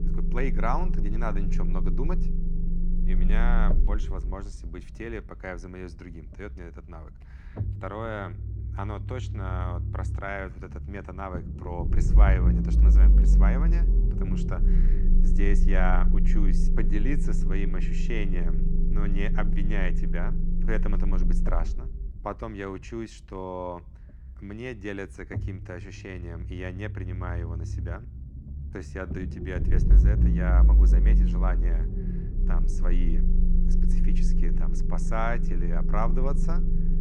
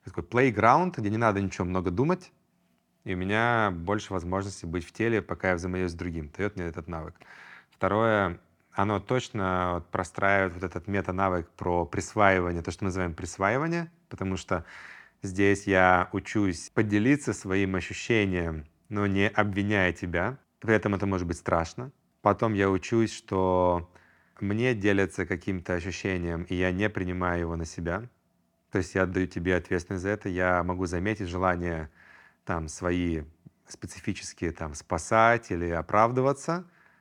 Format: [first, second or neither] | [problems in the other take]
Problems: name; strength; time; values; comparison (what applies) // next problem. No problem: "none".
second | low rumble; loud; throughout; 6 dB below the speech